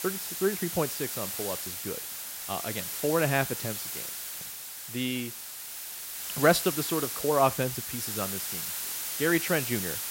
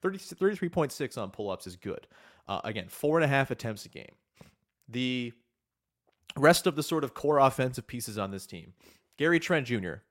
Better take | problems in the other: second | hiss; loud; throughout; 3 dB below the speech

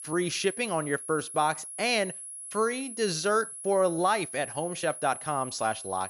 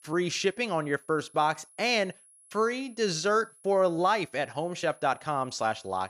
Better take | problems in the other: second | high-pitched whine; loud; throughout; 10.5 kHz, 9 dB below the speech; faint in the second

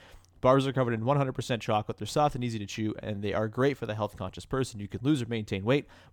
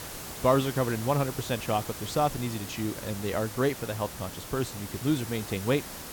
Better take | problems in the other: first | hiss; loud; throughout; 9 dB below the speech

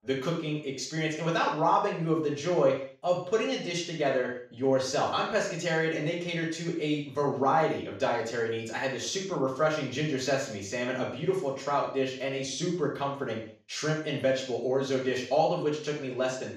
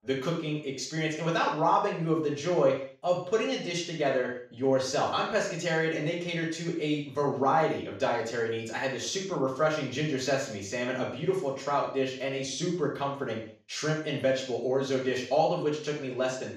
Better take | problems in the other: neither | room echo; noticeable; dies away in 0.5 s; the same in both // off-mic speech; far; the same in both

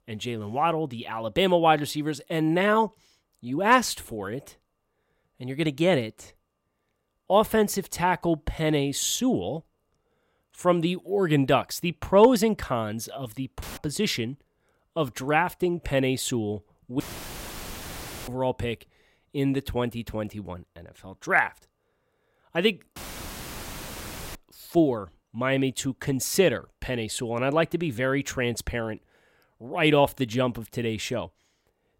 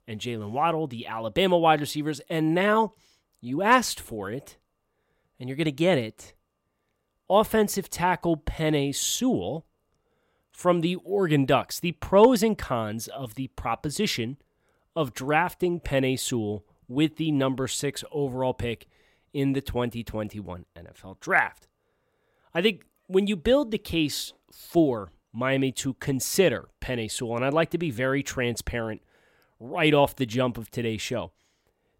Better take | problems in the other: second | audio cutting out; filled with static; at 14 s, at 17 s for 1.5 s and at 23 s for 1.5 s

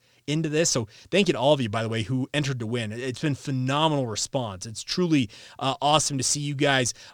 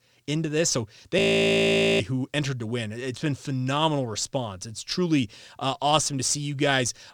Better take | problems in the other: first | audio freezing; at 1 s for 1 s

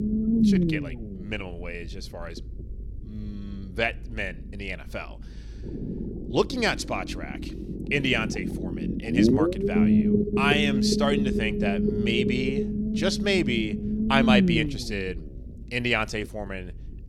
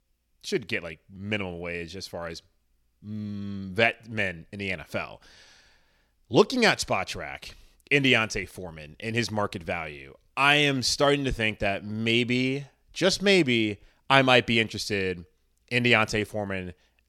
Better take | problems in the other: second | low rumble; loud; throughout; 3 dB below the speech

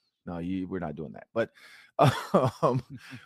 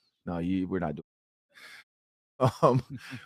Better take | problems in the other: first | audio cutting out; at 1 s and at 2 s for 0.5 s

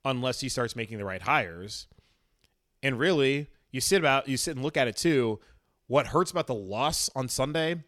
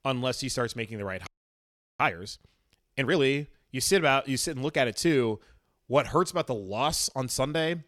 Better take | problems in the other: first | audio freezing; at 1.5 s for 0.5 s

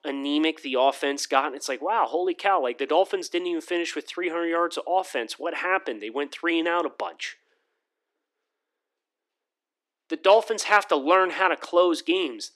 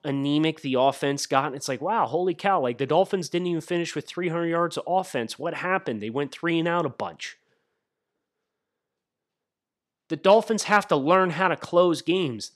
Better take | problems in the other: second | thin; very slightly; fading below 300 Hz

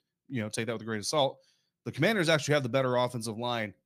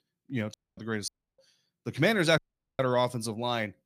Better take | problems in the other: first | audio cutting out; at 0.5 s, at 1 s and at 2.5 s

